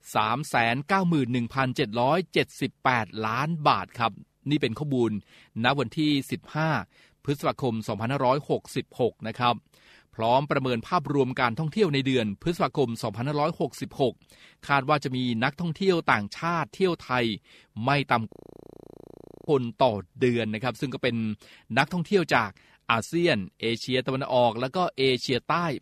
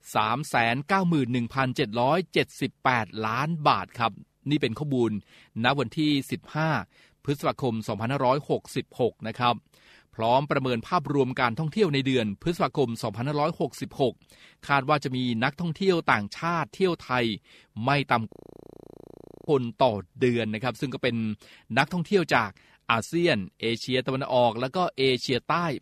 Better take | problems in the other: neither | audio freezing; at 18 s for 1 s; the same in both

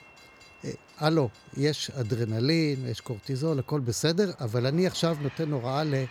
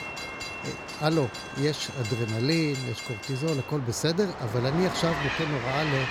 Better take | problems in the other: first | train or aircraft noise; loud; throughout; 6 dB below the speech; faint in the first

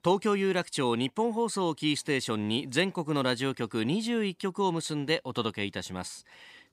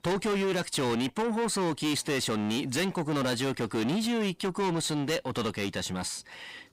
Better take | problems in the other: first | distortion; heavy; 6 dB below the speech

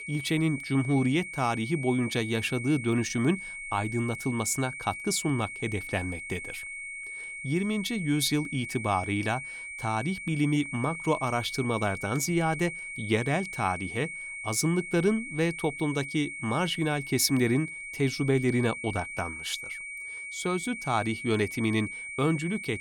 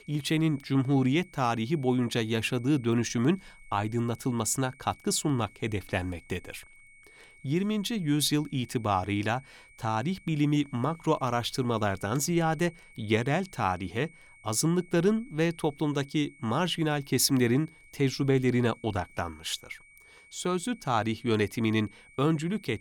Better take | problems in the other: second | high-pitched whine; loud; throughout; 2.5 kHz, 8 dB below the speech; faint in the second

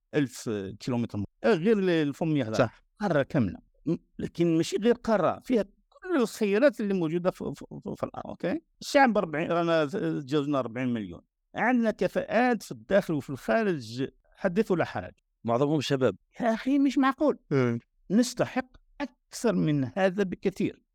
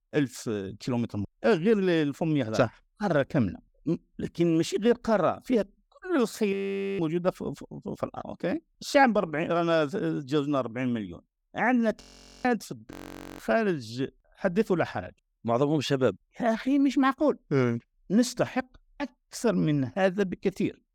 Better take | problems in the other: first | audio freezing; at 6.5 s, at 12 s and at 13 s

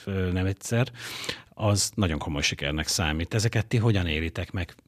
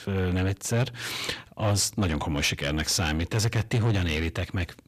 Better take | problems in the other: first | distortion; slight; 10 dB below the speech

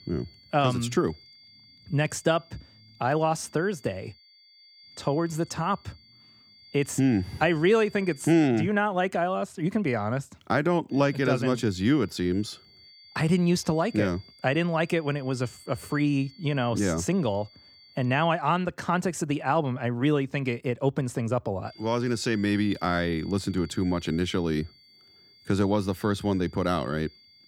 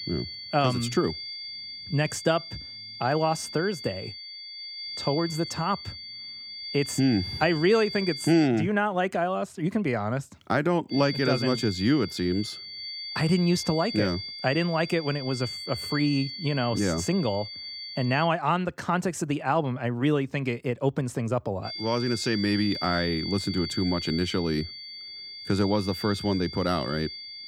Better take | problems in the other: first | high-pitched whine; loud; until 8.5 s, from 11 to 18 s and from 22 s on; 4.5 kHz, 8 dB below the speech; faint in the first

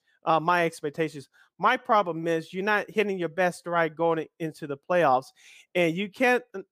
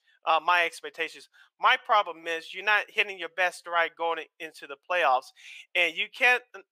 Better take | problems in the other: first | thin; very; fading below 800 Hz

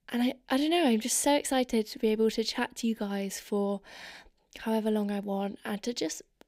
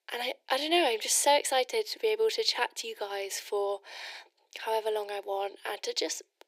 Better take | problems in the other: first | thin; very; fading below 350 Hz

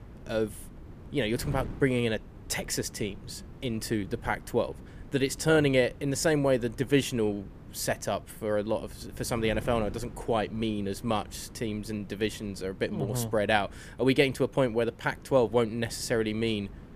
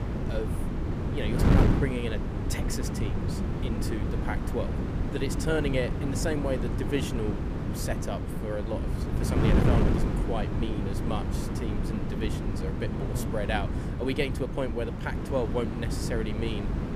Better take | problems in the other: first | wind noise on the microphone; heavy; 2 dB below the speech; occasional gusts in the first

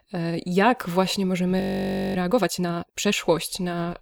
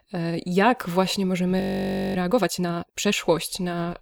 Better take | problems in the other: neither | audio freezing; at 1.5 s for 0.5 s; the same in both

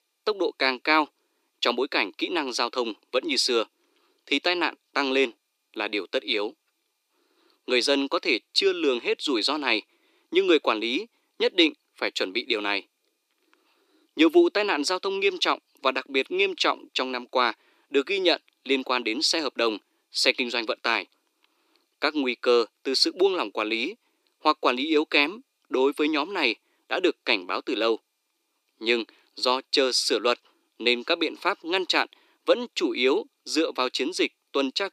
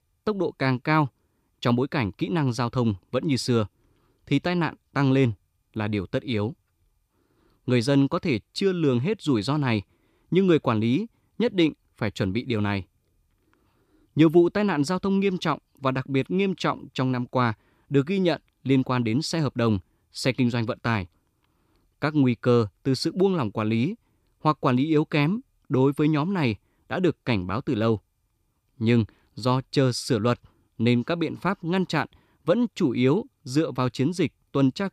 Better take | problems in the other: second | thin; somewhat; fading below 300 Hz

